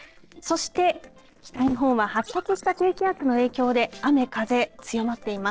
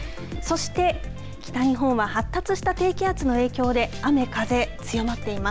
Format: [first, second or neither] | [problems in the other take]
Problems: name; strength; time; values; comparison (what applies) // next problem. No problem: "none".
second | noise reduction (neural separator model SepFormer DNS4)